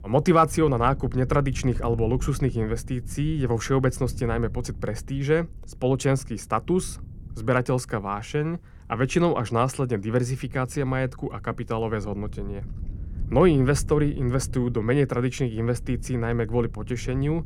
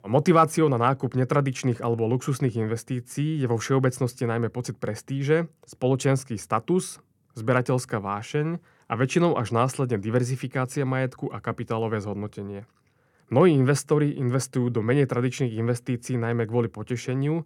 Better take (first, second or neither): second